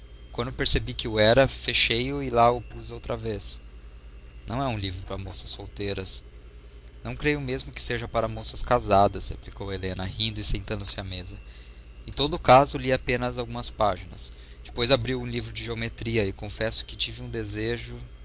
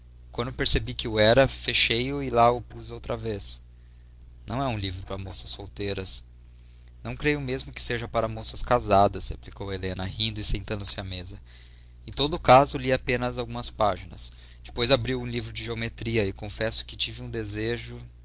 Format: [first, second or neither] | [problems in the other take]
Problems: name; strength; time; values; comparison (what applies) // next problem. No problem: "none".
second | background sound (Engine); 19 dB below the speech